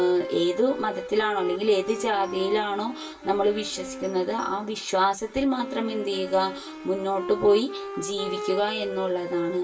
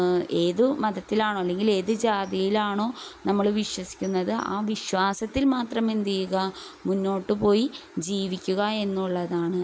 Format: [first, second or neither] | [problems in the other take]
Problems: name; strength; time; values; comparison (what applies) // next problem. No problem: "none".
second | background sound (Wind instrument, woodwind instrument); 10 dB below the speech // room echo; dies away in 0.1 s